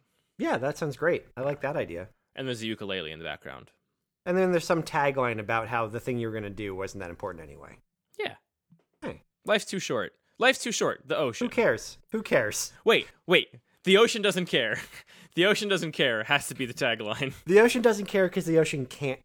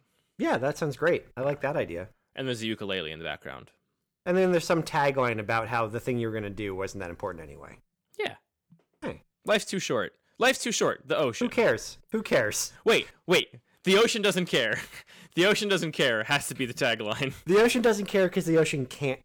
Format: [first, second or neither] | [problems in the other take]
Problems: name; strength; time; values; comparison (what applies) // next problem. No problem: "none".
first | distortion; slight; 2% of the sound clipped